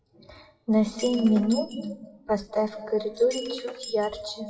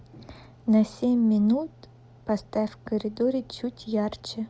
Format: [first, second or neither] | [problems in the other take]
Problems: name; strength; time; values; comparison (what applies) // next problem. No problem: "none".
second | noise reduction (classical method WPE with log-MMSE)